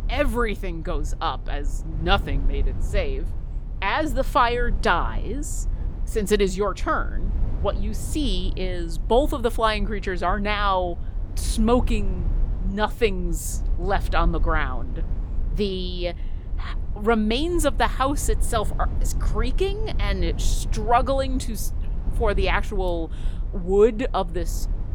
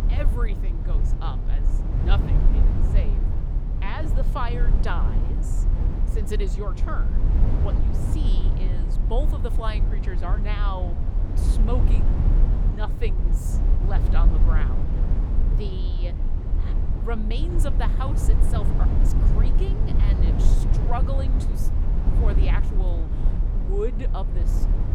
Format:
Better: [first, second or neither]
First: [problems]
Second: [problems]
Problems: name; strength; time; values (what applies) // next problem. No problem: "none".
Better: first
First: low rumble; faint; throughout; 20 dB below the speech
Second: low rumble; loud; throughout; 4 dB below the speech